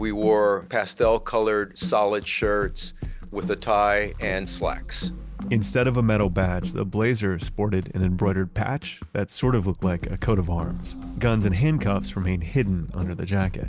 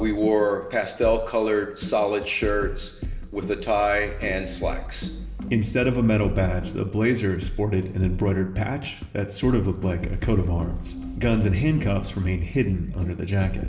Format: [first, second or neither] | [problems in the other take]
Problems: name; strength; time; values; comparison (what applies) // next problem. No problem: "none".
first | room echo; dies away in 1.1 s